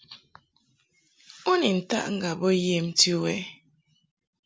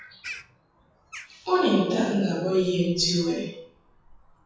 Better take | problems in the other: first | noise reduction (classical method WPE with log-MMSE)

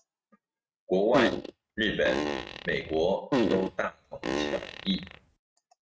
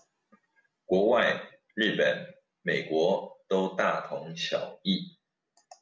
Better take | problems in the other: second | noise reduction (neural mask model RNNoise)

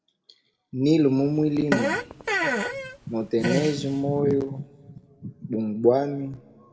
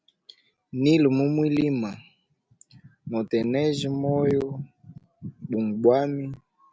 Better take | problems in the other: second | background sound (Fart); 3 dB below the speech // room echo; dies away in 1.3 s

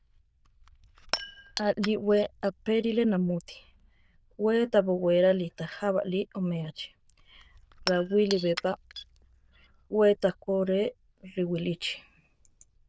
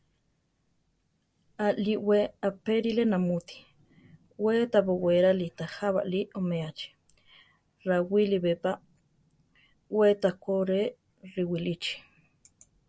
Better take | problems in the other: second | noise reduction (neural diffusion model UNIVERSE++)

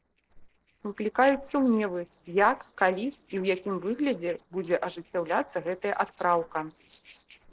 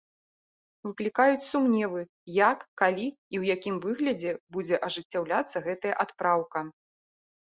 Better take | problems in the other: second | noise reduction (neural separator model SepFormer DNS4)

